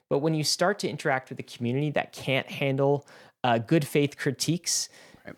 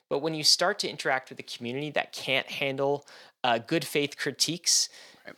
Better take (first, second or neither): first